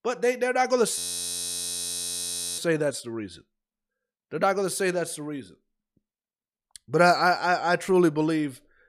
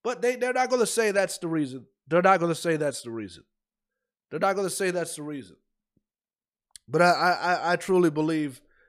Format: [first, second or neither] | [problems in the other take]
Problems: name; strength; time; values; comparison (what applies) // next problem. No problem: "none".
second | audio freezing; at 1 s for 1.5 s